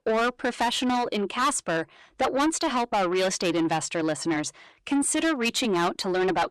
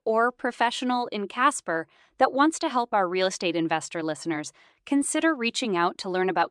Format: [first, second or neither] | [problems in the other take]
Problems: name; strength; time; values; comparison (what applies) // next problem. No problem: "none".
second | distortion; heavy; 7 dB below the speech